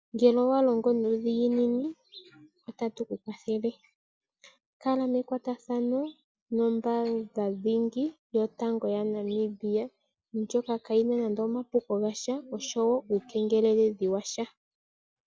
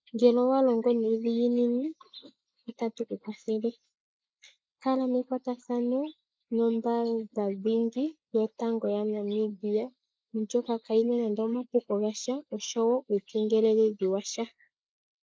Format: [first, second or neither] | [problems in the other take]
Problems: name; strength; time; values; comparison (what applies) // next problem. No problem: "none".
first | noise reduction (neural mask model Resemble Enhance denoiser)